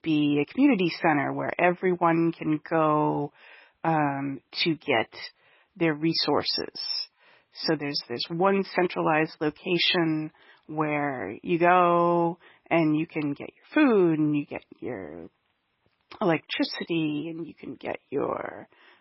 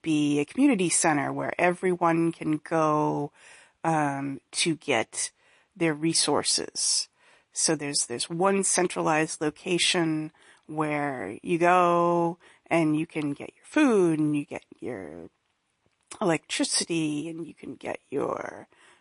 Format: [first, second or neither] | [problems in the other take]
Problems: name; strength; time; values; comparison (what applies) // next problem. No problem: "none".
second | garbled, watery; badly; nothing above 5.5 kHz; slightly in the second